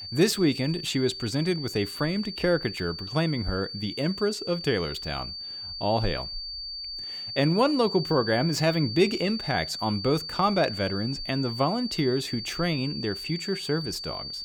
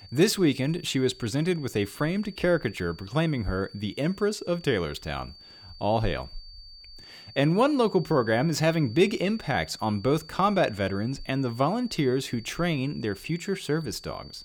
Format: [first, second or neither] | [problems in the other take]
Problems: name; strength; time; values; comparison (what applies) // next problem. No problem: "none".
second | high-pitched whine; loud; throughout; 4.5 kHz, 7 dB below the speech; faint in the second